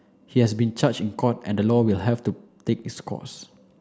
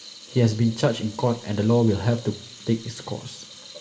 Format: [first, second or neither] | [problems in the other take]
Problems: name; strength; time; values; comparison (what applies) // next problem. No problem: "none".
first | background sound (Sink (filling or washing) / Water tap, faucet); 19 dB below the speech // room echo; dies away in 0.5 s